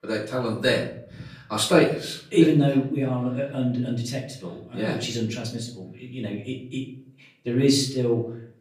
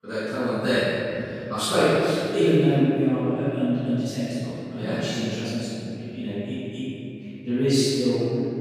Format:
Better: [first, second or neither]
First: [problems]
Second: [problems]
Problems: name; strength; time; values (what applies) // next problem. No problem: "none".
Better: first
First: room echo; slight; dies away in 0.5 s // off-mic speech; far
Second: room echo; strong; dies away in 3 s // off-mic speech; far